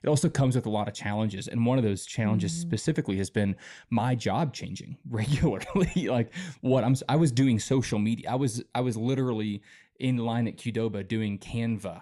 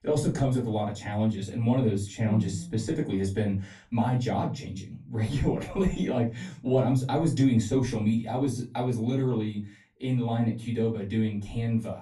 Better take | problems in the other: first | off-mic speech; far // room echo; very slight; dies away in 0.3 s

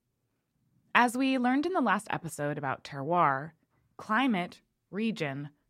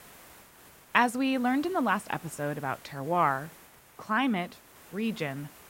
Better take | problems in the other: first | hiss; faint; throughout; 20 dB below the speech

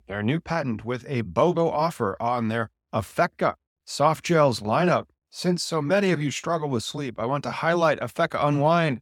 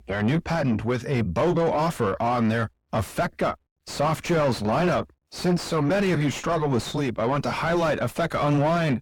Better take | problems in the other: first | distortion; heavy; 6 dB below the speech

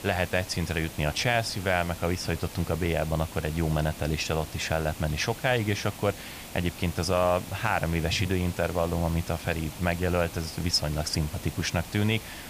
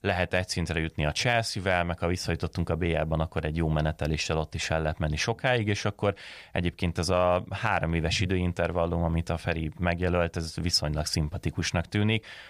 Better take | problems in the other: second | hiss; noticeable; throughout; 15 dB below the speech

